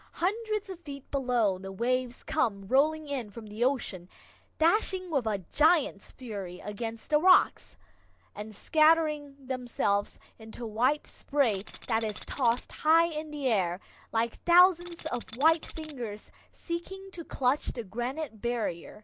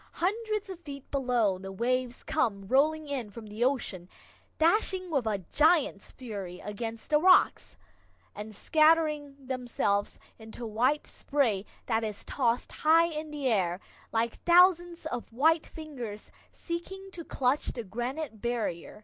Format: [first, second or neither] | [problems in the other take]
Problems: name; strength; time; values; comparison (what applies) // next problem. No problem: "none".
second | background sound (Tools); 17 dB below the speech